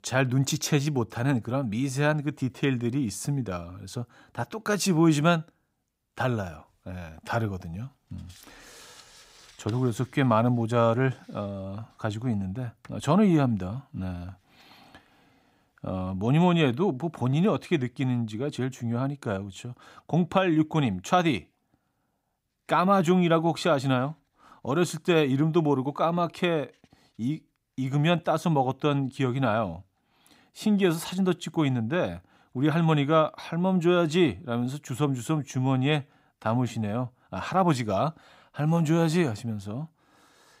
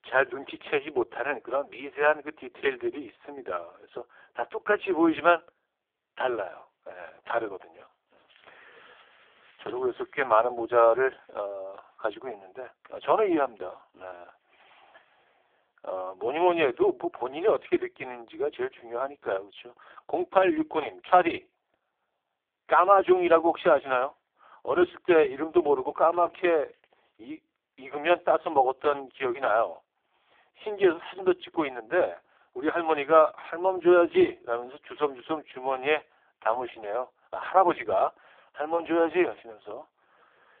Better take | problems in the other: first | phone-call audio; poor line; nothing above 3.5 kHz

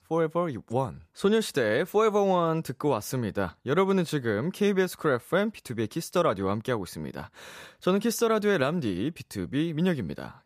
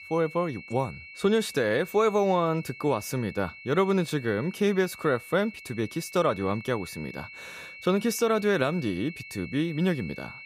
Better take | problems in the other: first | high-pitched whine; noticeable; throughout; 2 kHz, 15 dB below the speech

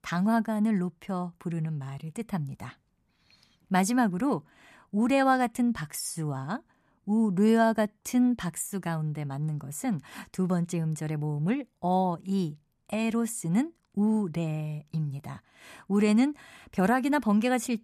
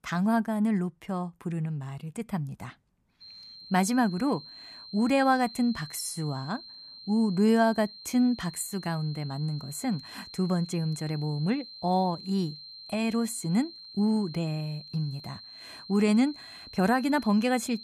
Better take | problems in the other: first | high-pitched whine; noticeable; from 3 s on; 4 kHz, 15 dB below the speech

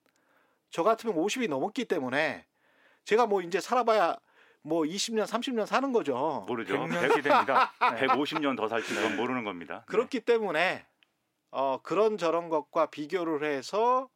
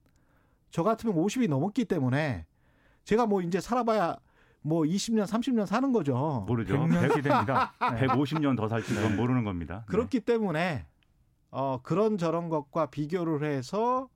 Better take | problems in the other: second | thin; somewhat; fading below 400 Hz

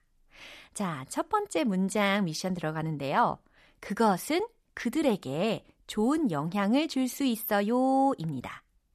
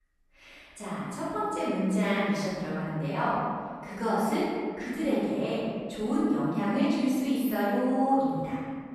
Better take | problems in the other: first | off-mic speech; far // room echo; strong; dies away in 1.8 s

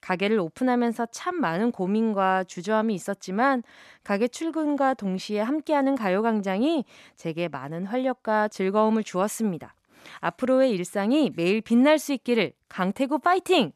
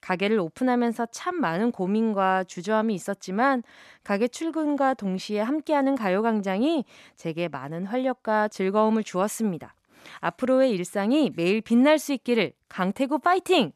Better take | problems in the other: neither | none

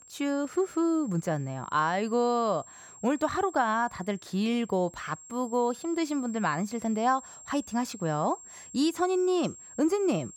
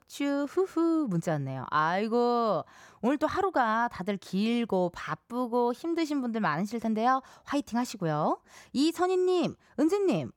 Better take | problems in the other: second | high-pitched whine; noticeable; throughout; 7.5 kHz, 20 dB below the speech

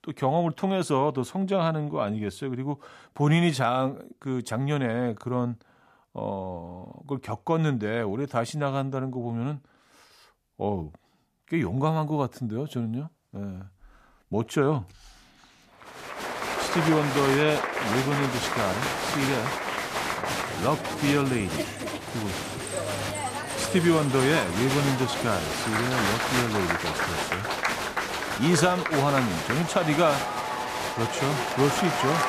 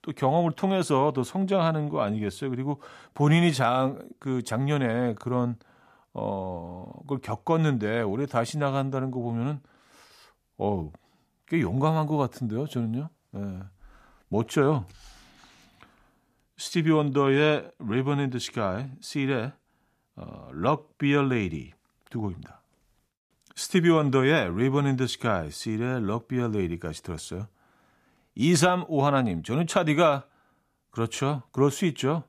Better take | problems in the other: second | crowd noise; loud; from 16 s on; 2 dB below the speech

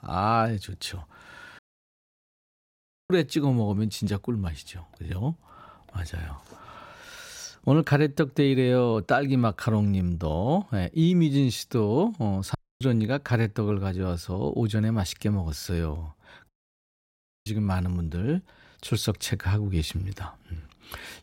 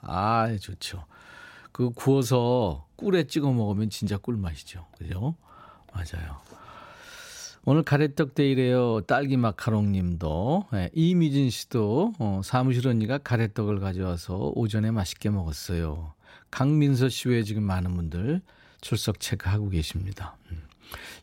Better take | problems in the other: second | audio cutting out; at 1.5 s for 1.5 s, at 13 s and at 16 s for 1 s

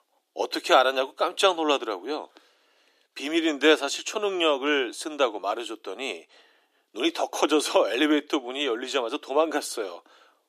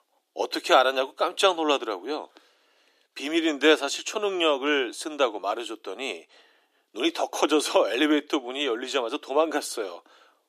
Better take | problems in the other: neither | thin; somewhat; fading below 300 Hz; the same in both

